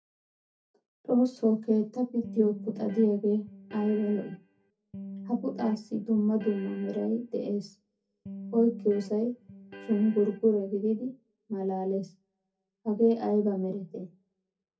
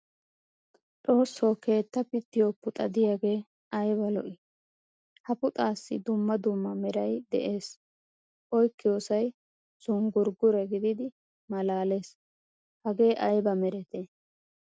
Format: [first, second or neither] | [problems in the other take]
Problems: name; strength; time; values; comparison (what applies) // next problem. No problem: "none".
second | background sound (Electric guitar); 14 dB below the speech // room echo; dies away in 0.3 s